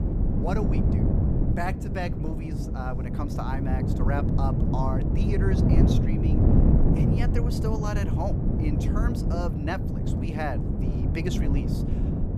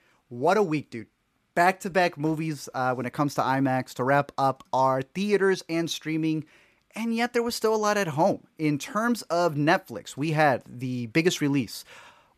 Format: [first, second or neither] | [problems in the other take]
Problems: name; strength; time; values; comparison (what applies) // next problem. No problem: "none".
second | wind noise on the microphone; heavy; as loud as the speech